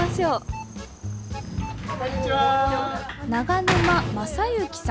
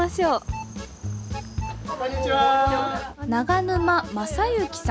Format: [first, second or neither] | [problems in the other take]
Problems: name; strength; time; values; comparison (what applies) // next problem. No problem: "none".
second | background sound (Sliding door / Slam); 6 dB below the speech